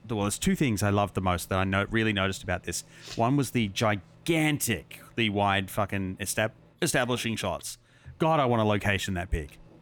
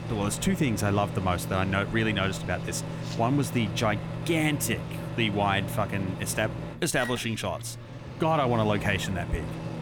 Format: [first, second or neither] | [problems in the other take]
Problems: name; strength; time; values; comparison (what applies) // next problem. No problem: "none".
first | household noises; loud; throughout; 7 dB below the speech; faint in the first